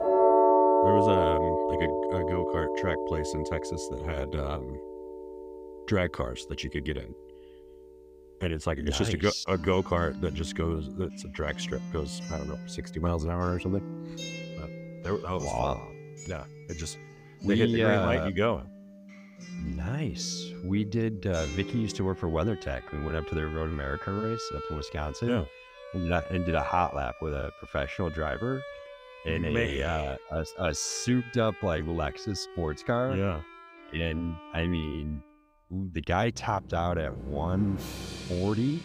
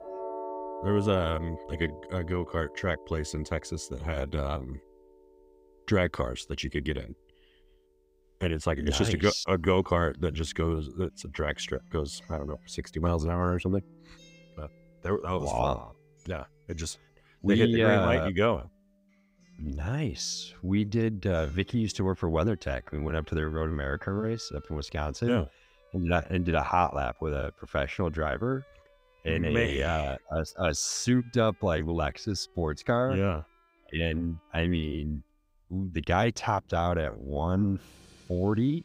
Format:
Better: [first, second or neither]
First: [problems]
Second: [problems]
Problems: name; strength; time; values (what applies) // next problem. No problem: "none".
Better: second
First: background music; loud; throughout; 2 dB below the speech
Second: background music; faint; throughout; 20 dB below the speech